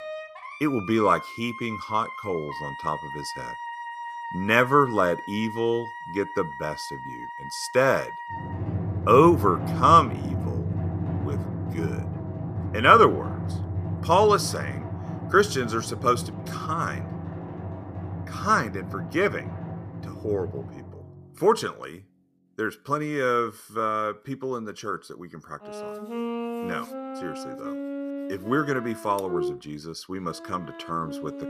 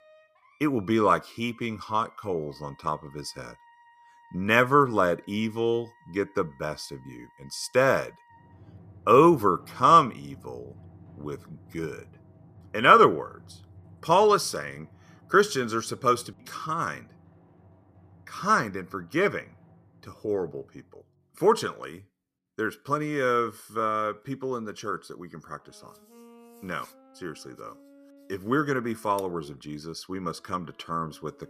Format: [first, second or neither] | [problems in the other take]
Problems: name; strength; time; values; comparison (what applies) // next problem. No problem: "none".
second | background music; loud; throughout; 9 dB below the speech; faint in the second